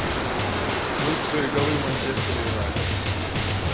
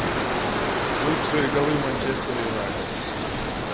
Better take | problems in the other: second | background sound (Drum); 2 dB below the speech

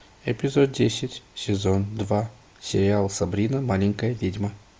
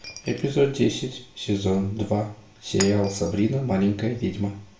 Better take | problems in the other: first | background sound (Shatter); 17 dB below the speech // room echo; dies away in 0.4 s

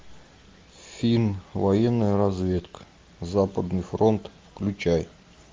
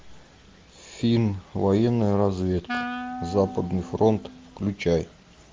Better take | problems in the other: first | background sound (Wind instrument, woodwind instrument); 10 dB below the speech

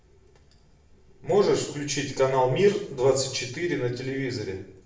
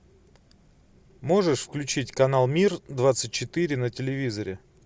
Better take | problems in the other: second | room echo; dies away in 0.6 s

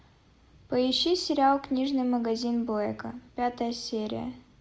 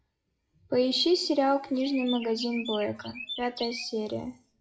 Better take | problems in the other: first | noise reduction (classical method WPE with log-MMSE)

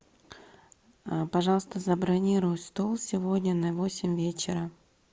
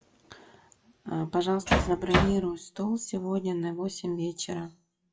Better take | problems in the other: first | noise reduction (classical method WPE with log-MMSE)

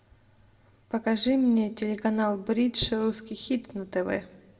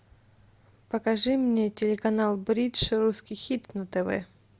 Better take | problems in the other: second | room echo; dies away in 0.7 s

